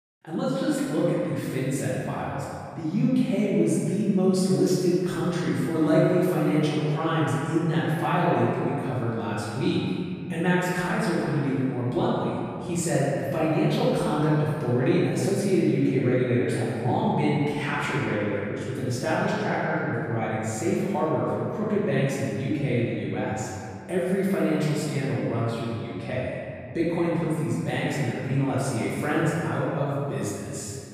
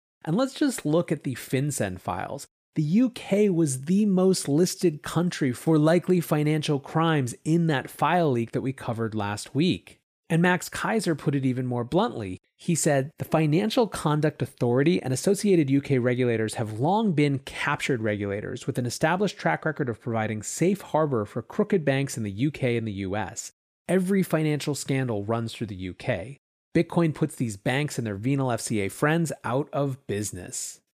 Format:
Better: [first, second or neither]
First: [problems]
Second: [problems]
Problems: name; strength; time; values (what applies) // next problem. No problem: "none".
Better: second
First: off-mic speech; far // room echo; strong; dies away in 2.2 s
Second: none